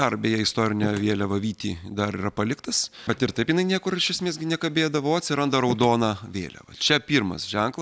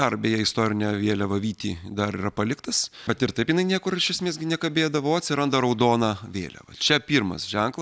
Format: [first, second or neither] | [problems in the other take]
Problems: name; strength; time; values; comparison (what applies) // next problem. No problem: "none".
second | background sound (Slam); 19 dB below the speech